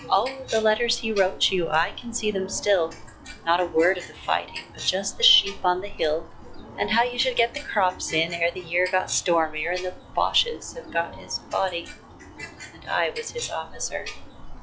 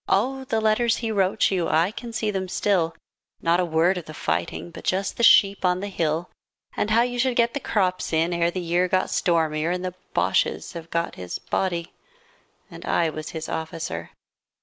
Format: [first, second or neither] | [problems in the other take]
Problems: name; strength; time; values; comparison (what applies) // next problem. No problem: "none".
second | noise reduction (classical method log-MMSE)